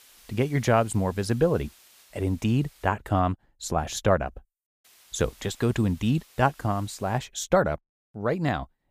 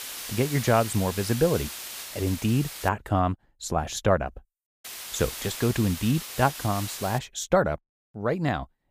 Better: first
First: hiss; faint; until 3 s and from 5 to 7 s; 25 dB below the speech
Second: hiss; loud; until 3 s and from 5 to 7 s; 9 dB below the speech

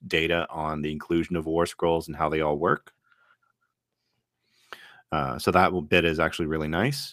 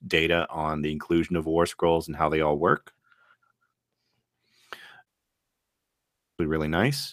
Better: first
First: none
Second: audio cutting out; at 5 s for 1.5 s

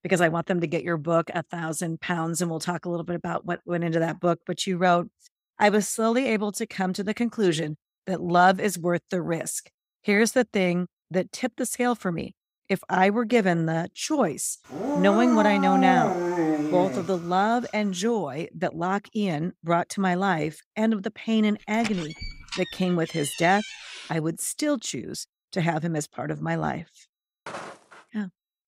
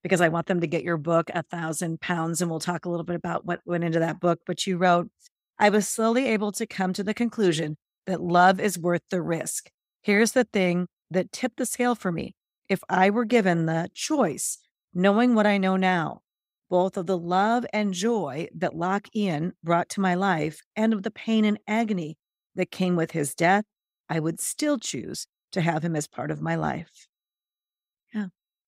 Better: second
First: dog barking; loud; from 15 to 17 s; peak 4 dB above the speech // door banging; noticeable; from 22 to 24 s; peak 9 dB below the speech // footsteps; faint; at 27 s; peak 10 dB below the speech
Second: none

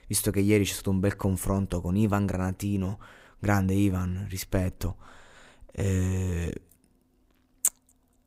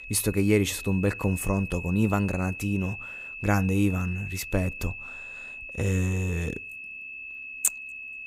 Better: first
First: none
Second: high-pitched whine; loud; throughout; 2.5 kHz, 10 dB below the speech

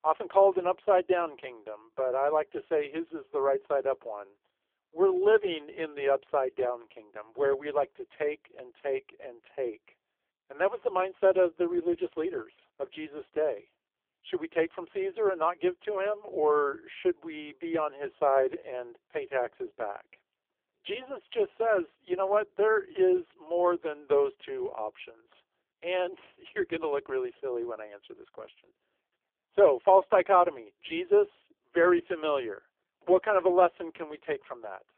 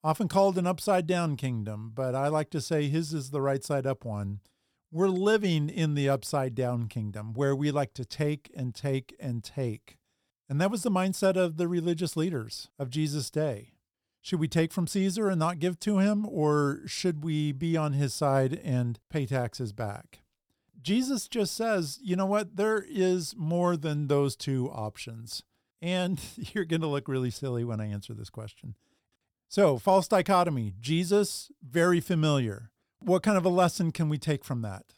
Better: second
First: phone-call audio; poor line; nothing above 3.5 kHz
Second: none

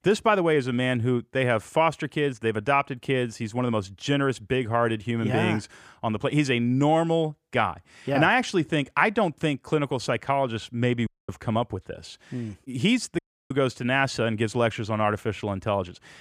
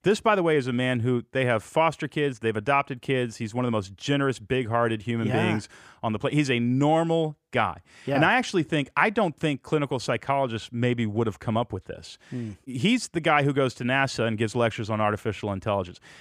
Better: second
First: audio cutting out; at 11 s and at 13 s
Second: none

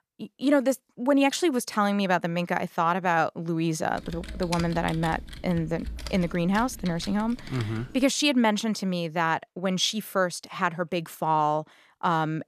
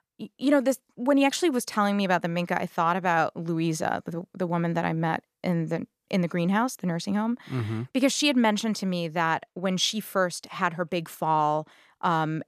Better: second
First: keyboard typing; noticeable; from 4 to 8 s; peak 9 dB below the speech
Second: none

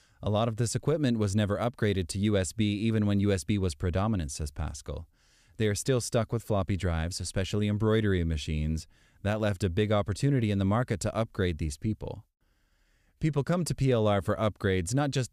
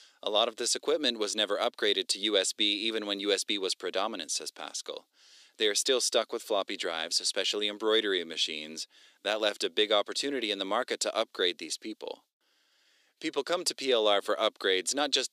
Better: first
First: none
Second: thin; very; fading below 300 Hz

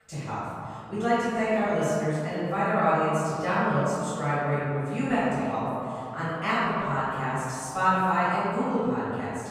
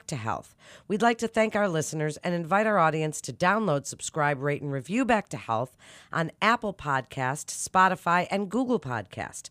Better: second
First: off-mic speech; far // room echo; strong; dies away in 2.6 s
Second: none

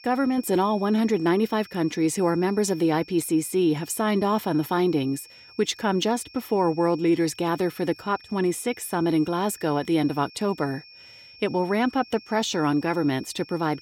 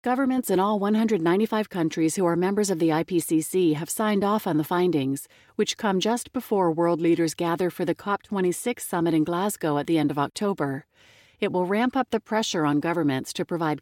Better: second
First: high-pitched whine; faint; throughout; 5.5 kHz, 20 dB below the speech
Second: none

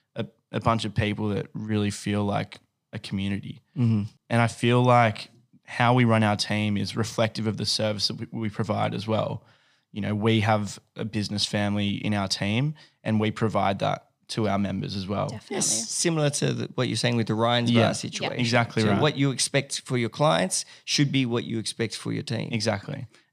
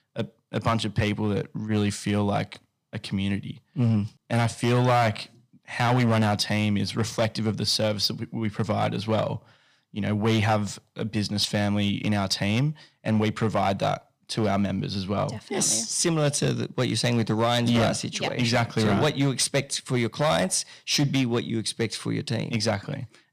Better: first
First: none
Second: distortion; slight; 5% of the sound clipped

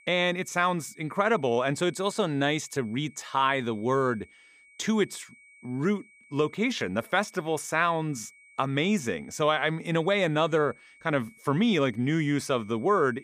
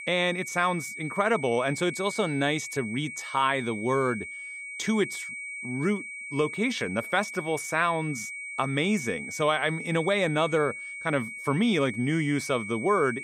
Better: first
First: high-pitched whine; faint; throughout; 2.5 kHz, 25 dB below the speech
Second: high-pitched whine; loud; throughout; 2.5 kHz, 8 dB below the speech

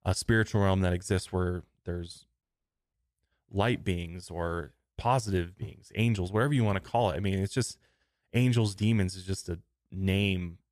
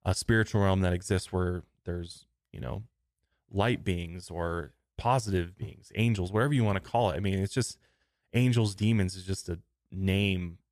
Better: second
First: audio cutting out; at 2.5 s for 0.5 s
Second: none

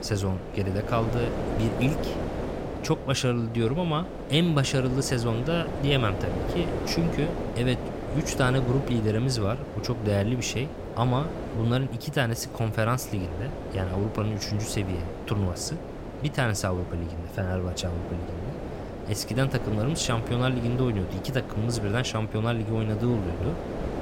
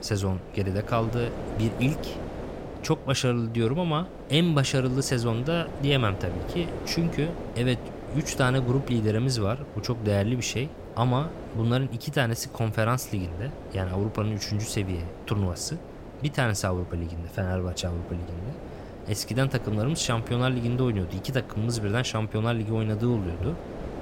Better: second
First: wind noise on the microphone; heavy; 6 dB below the speech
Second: wind noise on the microphone; occasional gusts; 10 dB below the speech

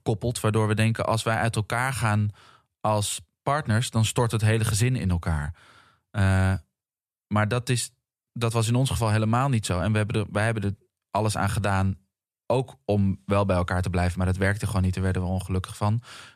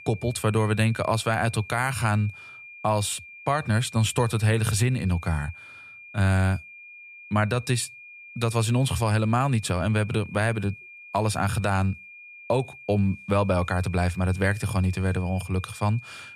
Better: first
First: none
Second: high-pitched whine; noticeable; throughout; 2.5 kHz, 15 dB below the speech

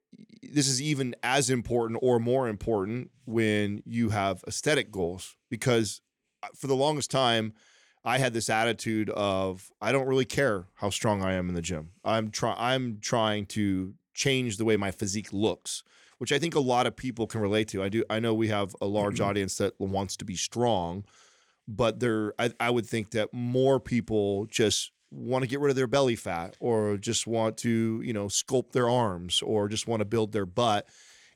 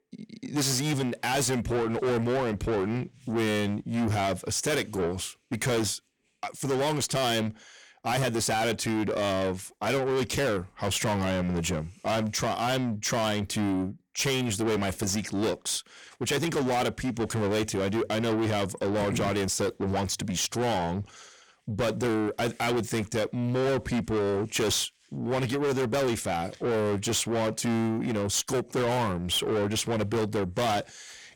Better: first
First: none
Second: distortion; heavy; 6 dB below the speech

